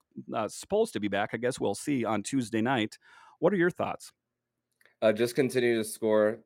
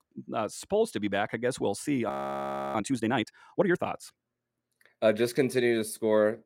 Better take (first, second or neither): first